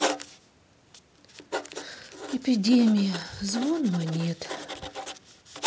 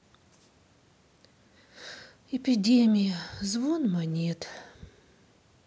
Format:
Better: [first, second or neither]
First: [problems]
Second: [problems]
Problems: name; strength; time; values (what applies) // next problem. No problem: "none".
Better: second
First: background sound (Writing); 8 dB below the speech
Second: none